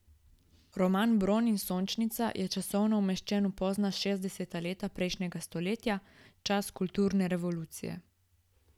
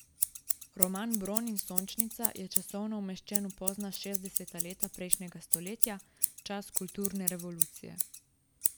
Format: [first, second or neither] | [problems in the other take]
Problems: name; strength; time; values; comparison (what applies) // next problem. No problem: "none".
first | background sound (Scissors); 5 dB above the speech